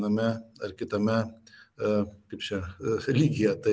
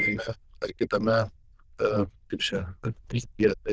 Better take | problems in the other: first | noise reduction (neural diffusion model UNIVERSE++)

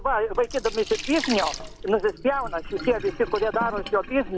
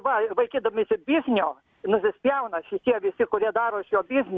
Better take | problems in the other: second | background sound (Sink (filling or washing)); 10 dB below the speech

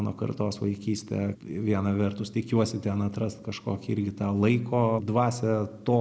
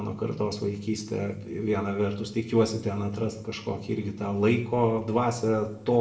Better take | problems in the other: first | room echo; dies away in 0.5 s

